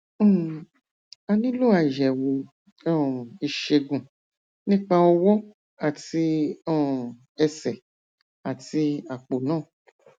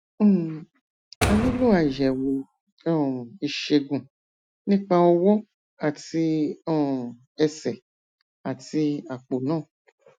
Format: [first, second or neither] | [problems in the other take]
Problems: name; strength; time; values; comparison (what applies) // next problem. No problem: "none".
first | noise reduction (classical method Wiener filter)